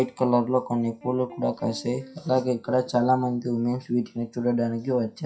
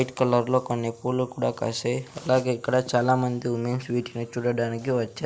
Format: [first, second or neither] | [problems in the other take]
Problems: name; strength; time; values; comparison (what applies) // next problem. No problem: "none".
second | noise reduction (classical method WPE with log-MMSE)